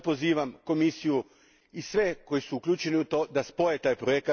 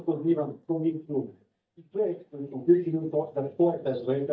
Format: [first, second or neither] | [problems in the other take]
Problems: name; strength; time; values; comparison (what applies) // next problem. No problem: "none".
first | noise reduction (neural mask model DeepFilterNet 3)